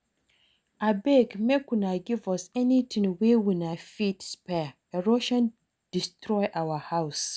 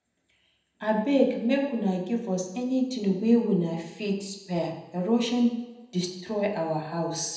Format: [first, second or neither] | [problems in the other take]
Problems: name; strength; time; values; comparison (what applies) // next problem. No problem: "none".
first | room echo; dies away in 0.8 s